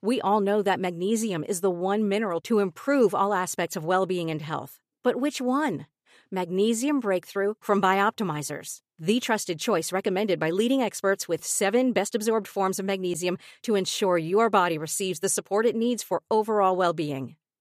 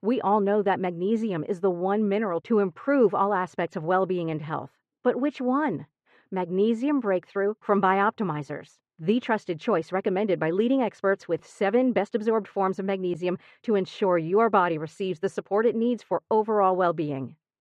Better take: first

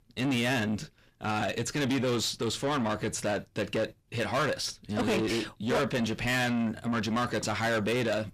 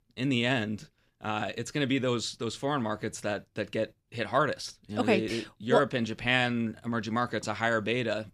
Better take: second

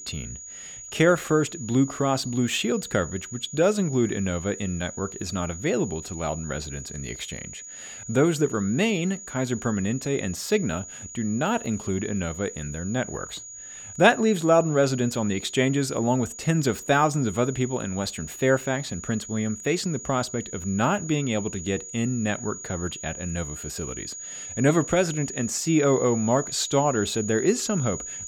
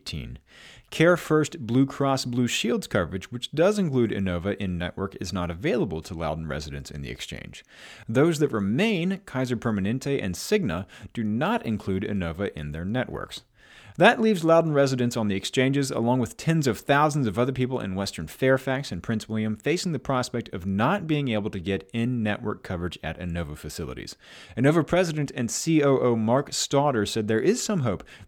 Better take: second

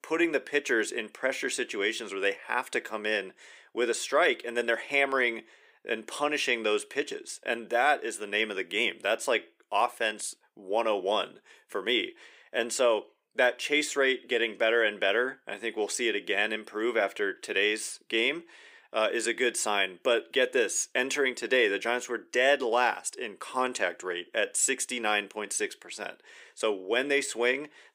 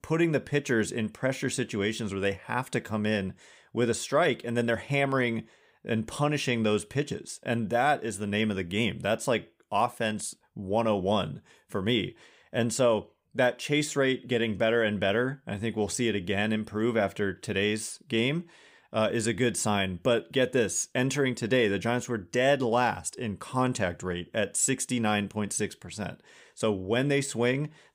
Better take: second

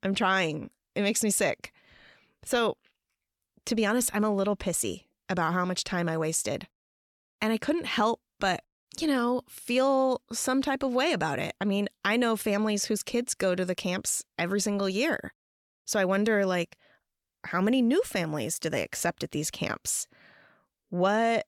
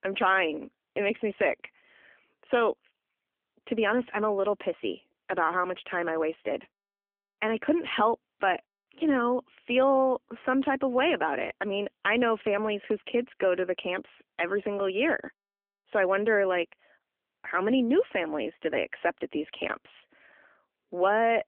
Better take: first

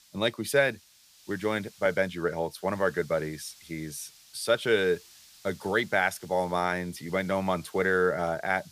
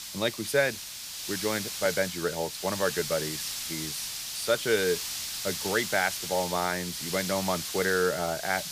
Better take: first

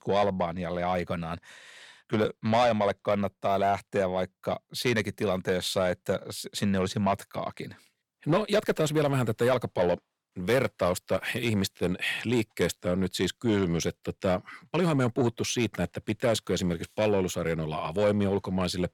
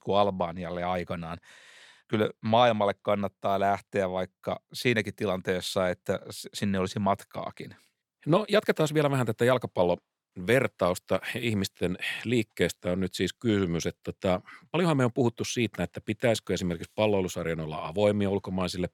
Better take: second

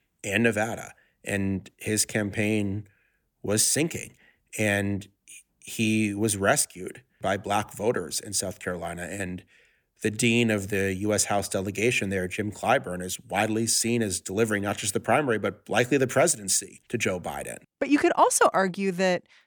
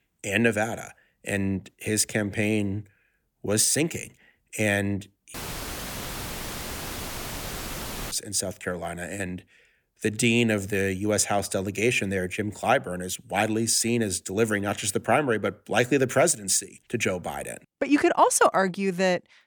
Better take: first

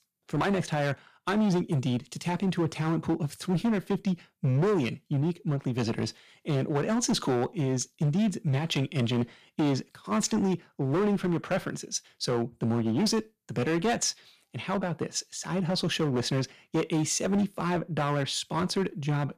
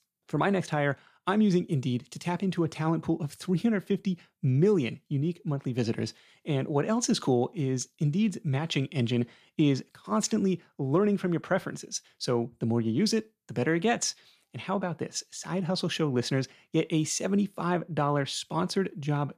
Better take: second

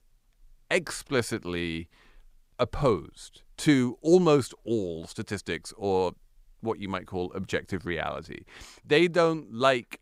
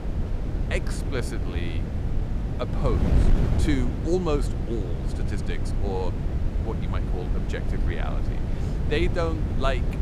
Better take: first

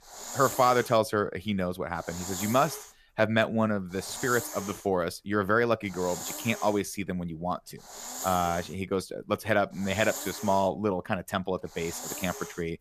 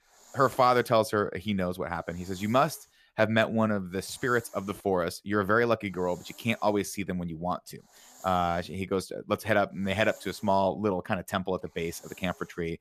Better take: second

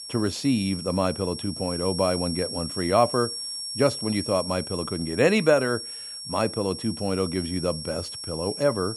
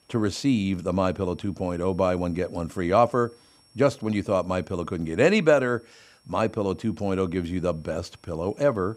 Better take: second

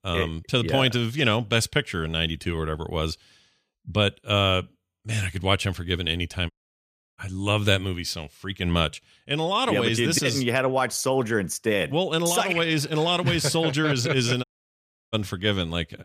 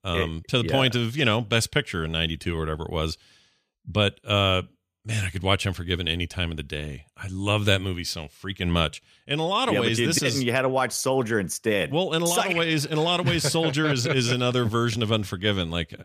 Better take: second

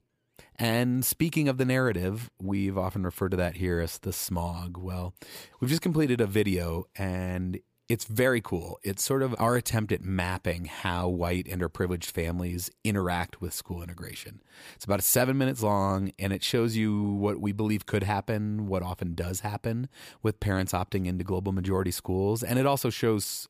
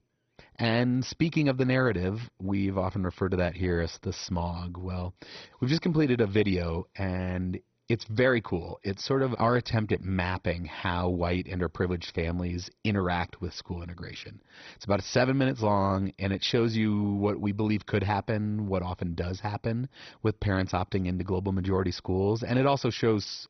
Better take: first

